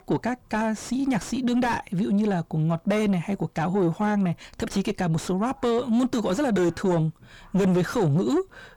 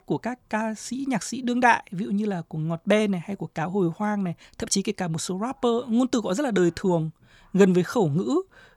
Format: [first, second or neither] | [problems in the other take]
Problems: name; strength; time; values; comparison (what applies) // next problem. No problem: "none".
second | distortion; heavy; 5 dB below the speech